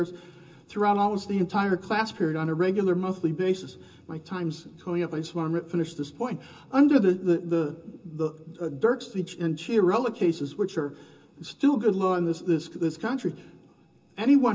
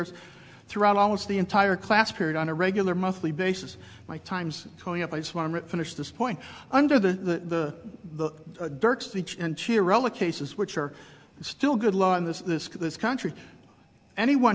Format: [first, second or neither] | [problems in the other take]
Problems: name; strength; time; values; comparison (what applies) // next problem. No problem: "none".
second | room echo; dies away in 0.2 s